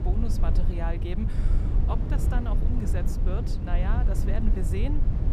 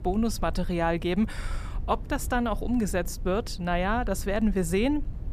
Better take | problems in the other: second | low rumble; loud; throughout; 3 dB below the speech; faint in the second

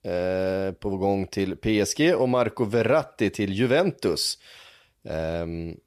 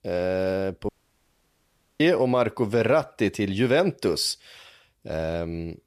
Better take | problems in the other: first | audio cutting out; at 1 s for 1 s

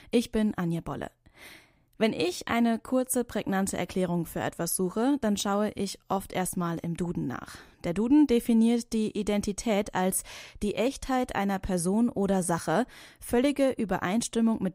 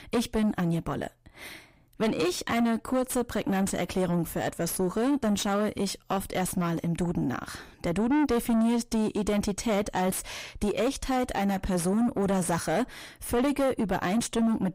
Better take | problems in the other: first | distortion; heavy; 6 dB below the speech

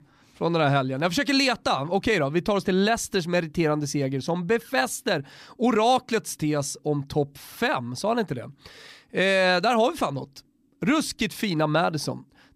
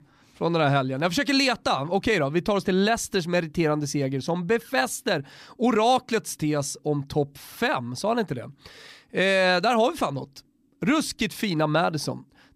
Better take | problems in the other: neither | none

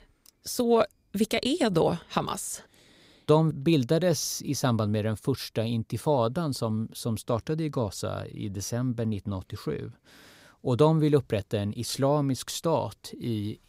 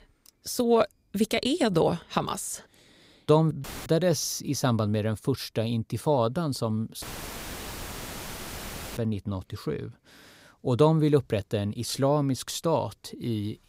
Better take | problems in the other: first | audio cutting out; filled with static; at 3.5 s and at 7 s for 2 s

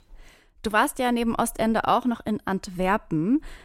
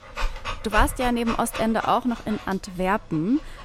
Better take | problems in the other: first | dog barking; noticeable; until 2.5 s; peak 5 dB below the speech

